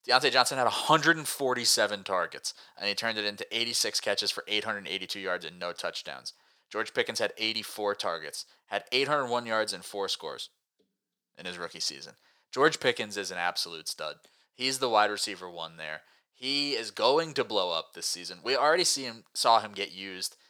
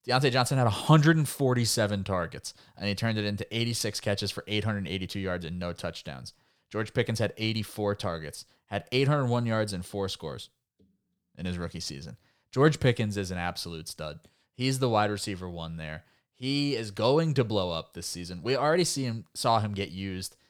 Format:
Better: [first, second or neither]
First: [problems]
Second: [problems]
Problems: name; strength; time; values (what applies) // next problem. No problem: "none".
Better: second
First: thin; very; fading below 450 Hz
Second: none